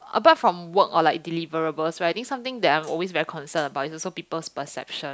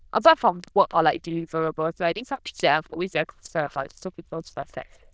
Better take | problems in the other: first | noise reduction (neural diffusion model UNIVERSE++)

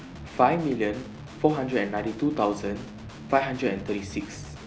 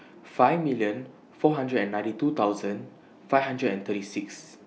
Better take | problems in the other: second | background sound (Guitar); 14 dB below the speech

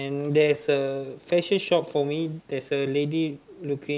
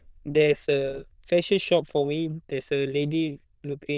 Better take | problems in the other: first | noise reduction (neural diffusion model UNIVERSE++)

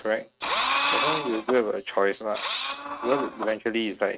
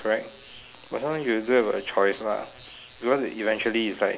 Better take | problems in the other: second | noise reduction (neural mask model RNNoise)

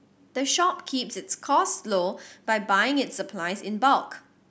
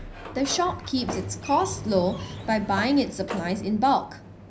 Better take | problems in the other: first | background sound (Sliding door); 11 dB below the speech // room echo; dies away in 0.5 s

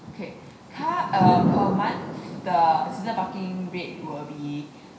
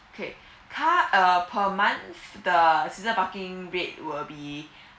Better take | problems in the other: second | background sound (Thunder / Rain); 3 dB below the speech // room echo; dies away in 0.9 s

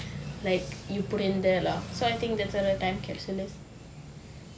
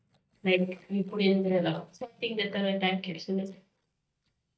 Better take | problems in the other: first | noise reduction (neural mask model DeepFilterNet 3)

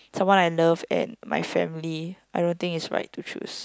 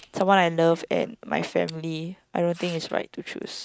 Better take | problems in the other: first | noise reduction (neural mask model RNNoise)

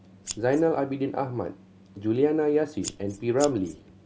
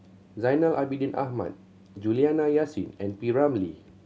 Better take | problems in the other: second | background sound (Scissors); 14 dB below the speech

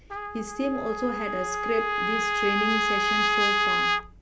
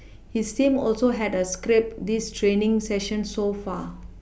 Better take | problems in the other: second | background sound (Trumpet); 5 dB above the speech

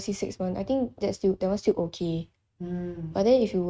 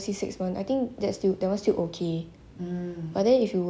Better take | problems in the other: second | noise reduction (neural mask model RNNoise)

